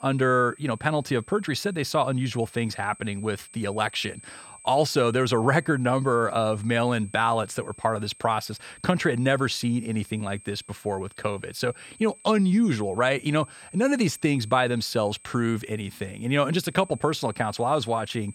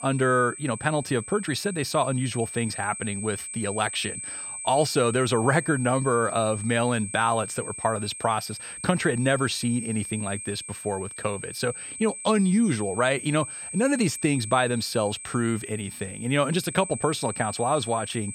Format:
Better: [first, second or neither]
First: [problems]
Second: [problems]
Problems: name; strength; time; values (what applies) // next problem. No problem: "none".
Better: first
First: high-pitched whine; faint; throughout; 8 kHz, 20 dB below the speech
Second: high-pitched whine; loud; throughout; 8 kHz, 9 dB below the speech